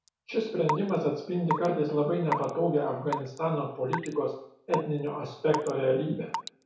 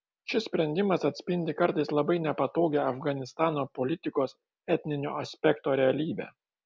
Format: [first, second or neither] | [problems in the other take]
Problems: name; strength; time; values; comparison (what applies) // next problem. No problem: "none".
second | background sound (Raindrop / Drip / Water tap, faucet); 9 dB below the speech // room echo; dies away in 0.6 s